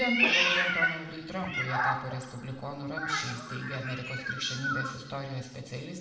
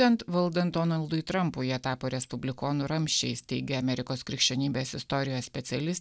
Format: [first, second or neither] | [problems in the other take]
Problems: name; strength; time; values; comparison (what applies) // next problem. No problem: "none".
second | background sound (Meow); 4 dB above the speech // room echo; dies away in 0.9 s